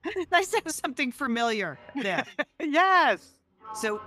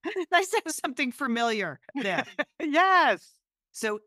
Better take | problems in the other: second | household noises; faint; throughout; 20 dB below the speech

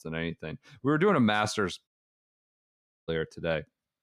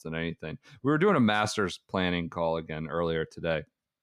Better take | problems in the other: second | audio cutting out; at 2 s for 1 s

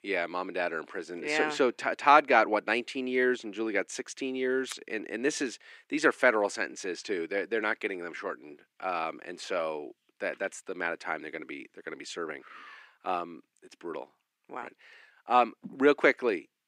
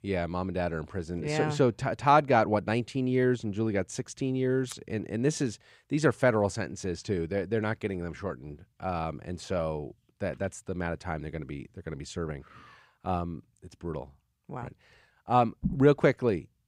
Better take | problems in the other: second | thin; somewhat; fading below 300 Hz

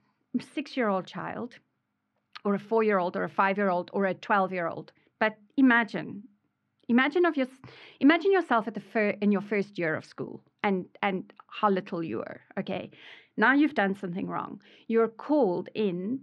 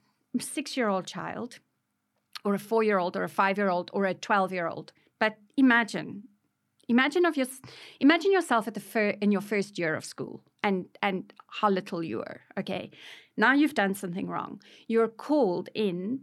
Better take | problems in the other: second | muffled; slightly; fading above 3 kHz

